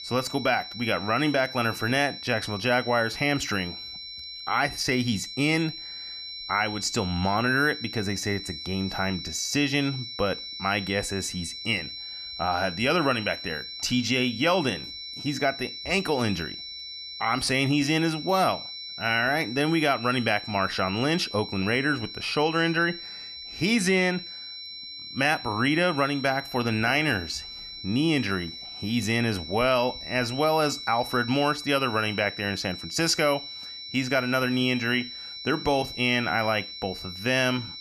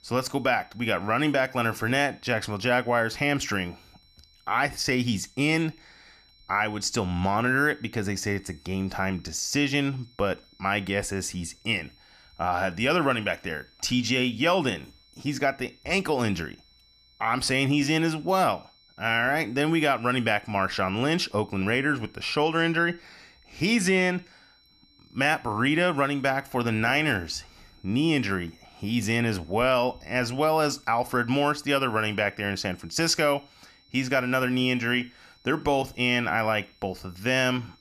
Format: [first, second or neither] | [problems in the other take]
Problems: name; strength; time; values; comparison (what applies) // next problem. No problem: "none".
second | high-pitched whine; loud; throughout; 4 kHz, 10 dB below the speech; faint in the second